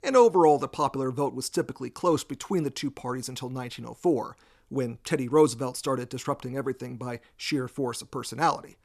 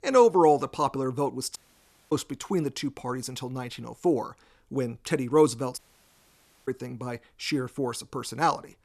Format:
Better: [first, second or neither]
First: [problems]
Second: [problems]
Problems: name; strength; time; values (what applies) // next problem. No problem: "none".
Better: first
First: none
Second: audio cutting out; at 1.5 s for 0.5 s and at 6 s for 1 s